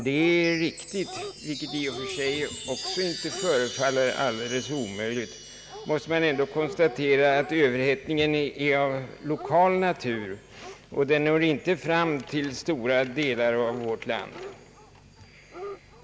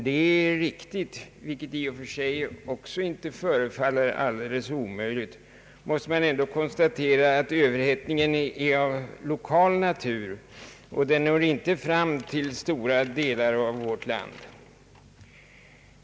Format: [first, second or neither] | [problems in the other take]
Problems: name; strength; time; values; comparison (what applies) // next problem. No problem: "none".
second | background sound (Chime + Dog); 14 dB below the speech